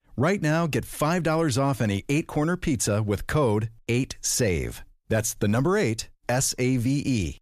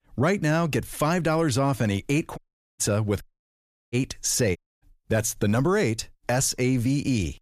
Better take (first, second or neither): first